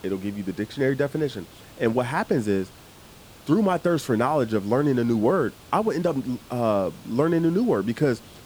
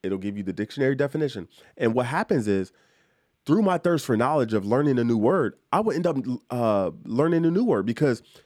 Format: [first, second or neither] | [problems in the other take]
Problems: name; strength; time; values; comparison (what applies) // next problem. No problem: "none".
second | hiss; faint; throughout; 20 dB below the speech